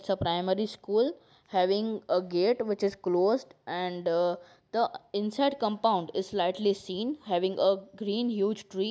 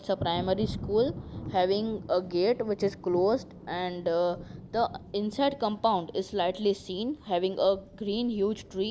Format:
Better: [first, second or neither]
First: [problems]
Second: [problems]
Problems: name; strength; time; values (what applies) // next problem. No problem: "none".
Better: first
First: none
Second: background sound (Thunder); 14 dB below the speech